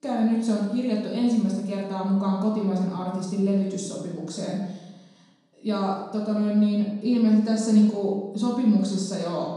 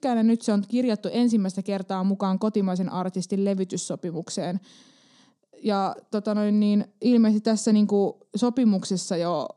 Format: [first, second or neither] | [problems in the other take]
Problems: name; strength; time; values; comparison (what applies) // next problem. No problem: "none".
second | off-mic speech; far // room echo; noticeable; dies away in 0.9 s